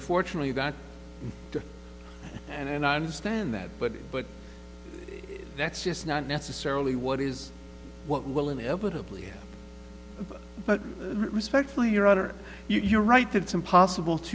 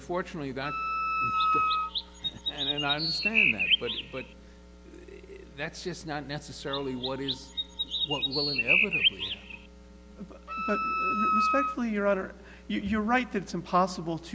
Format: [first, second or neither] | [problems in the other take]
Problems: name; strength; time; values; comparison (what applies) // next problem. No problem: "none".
first | background sound (Wind instrument, woodwind instrument + Chirp, tweet); 5 dB above the speech